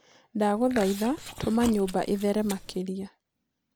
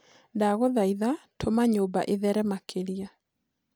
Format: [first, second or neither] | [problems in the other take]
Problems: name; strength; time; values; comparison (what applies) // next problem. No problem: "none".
second | background sound (Chewing, mastication); 13 dB below the speech